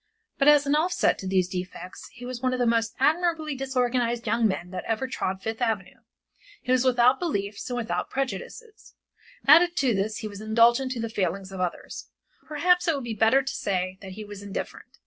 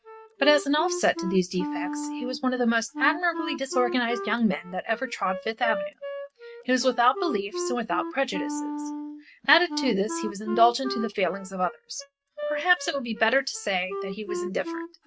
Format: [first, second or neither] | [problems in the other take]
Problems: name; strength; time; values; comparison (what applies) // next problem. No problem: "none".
first | noise reduction (neural mask model RNNoise)